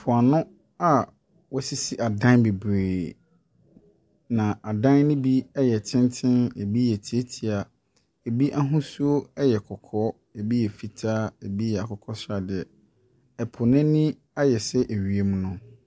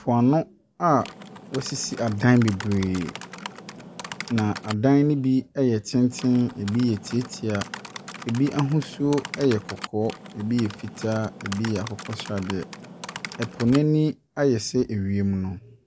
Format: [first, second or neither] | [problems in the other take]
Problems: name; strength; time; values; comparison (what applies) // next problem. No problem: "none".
first | background sound (Typing); 14 dB below the speech